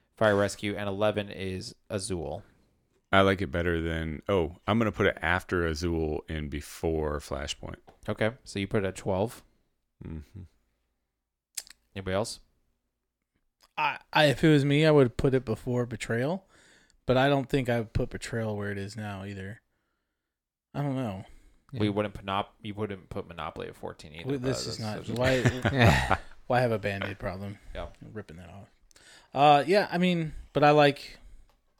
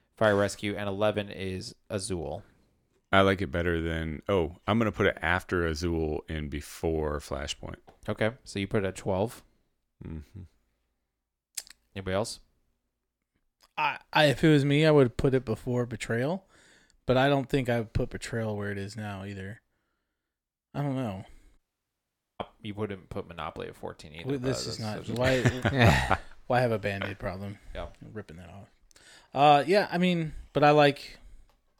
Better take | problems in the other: first | audio cutting out; at 22 s for 1 s

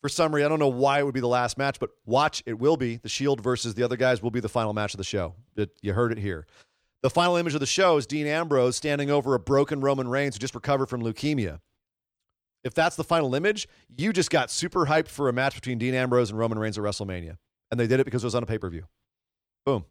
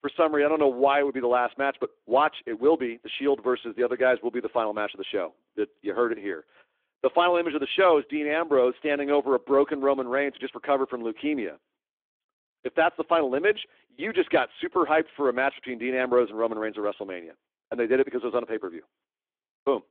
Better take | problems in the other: first | phone-call audio; nothing above 3.5 kHz

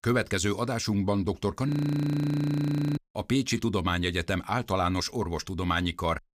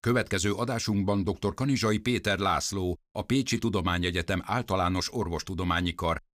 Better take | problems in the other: second | audio freezing; at 1.5 s for 1.5 s

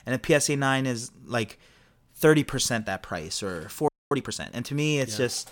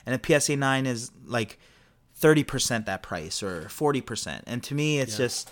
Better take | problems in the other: second | audio freezing; at 4 s

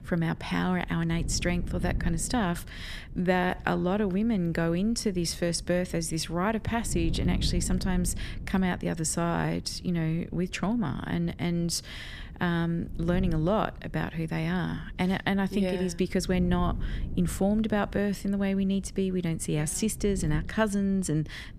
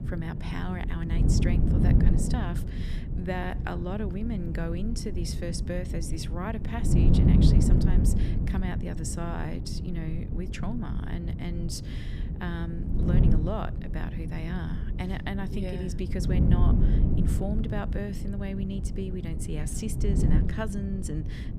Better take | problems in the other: first | wind noise on the microphone; heavy; 1 dB below the speech; occasional gusts in the first

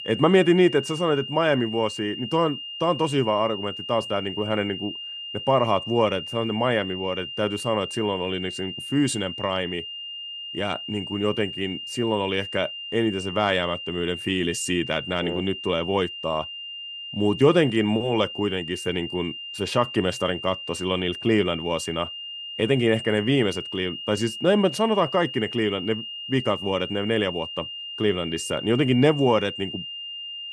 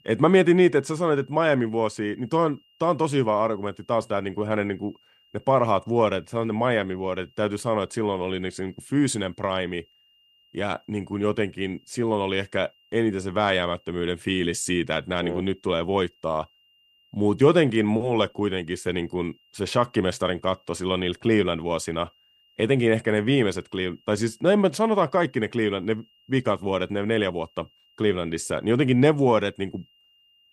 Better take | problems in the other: second | high-pitched whine; loud; throughout; 3 kHz, 8 dB below the speech; faint in the second

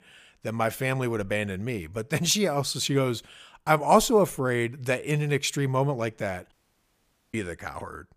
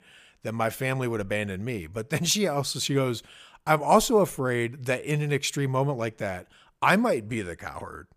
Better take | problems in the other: second | audio cutting out; at 6.5 s for 1 s

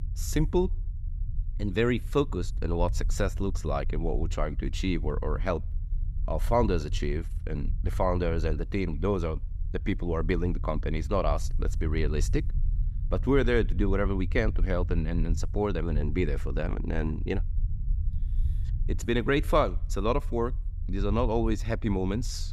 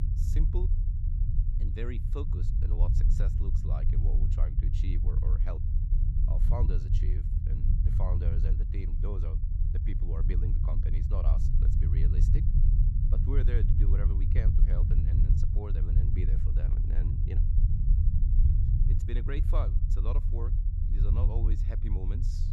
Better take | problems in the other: first | low rumble; loud; throughout; as loud as the speech; faint in the first

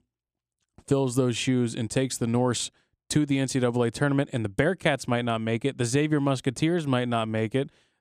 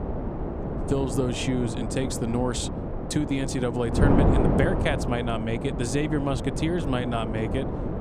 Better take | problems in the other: first | wind noise on the microphone; heavy; 2 dB below the speech

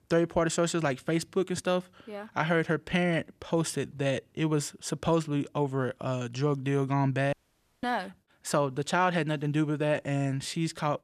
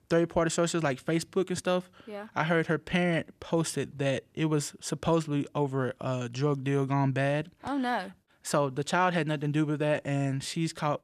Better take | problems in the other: second | audio cutting out; at 7.5 s for 0.5 s

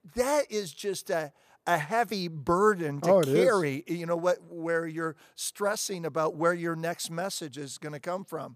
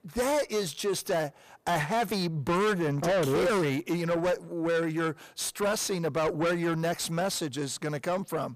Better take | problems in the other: first | distortion; heavy; 6 dB below the speech

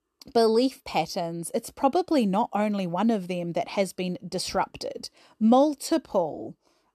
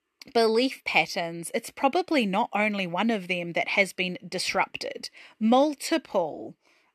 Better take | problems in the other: first | thin; very slightly; fading below 300 Hz

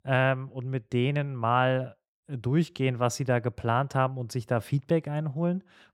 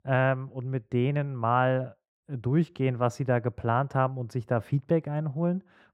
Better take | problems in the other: first | muffled; slightly; fading above 2.5 kHz

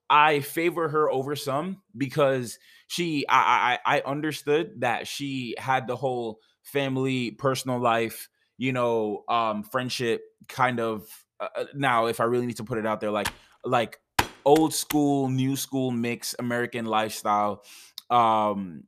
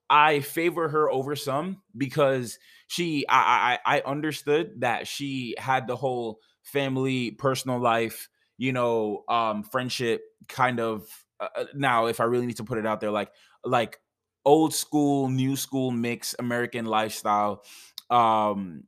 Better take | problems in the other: second | keyboard typing; noticeable; from 13 to 15 s; peak 2 dB below the speech

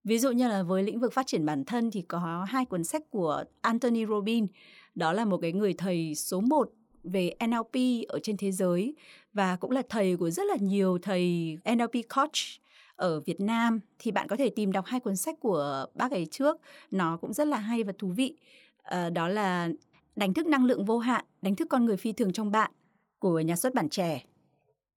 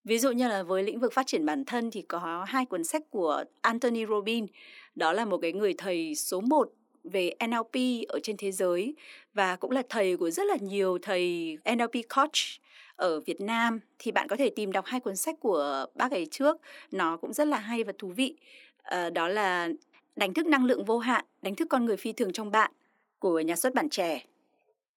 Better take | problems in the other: first | thin; very slightly; fading below 250 Hz

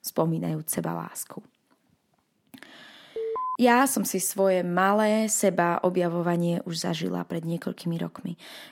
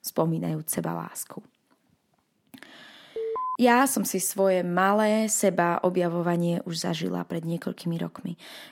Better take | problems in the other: neither | alarm; noticeable; at 3 s; peak 5 dB below the speech; the same in both

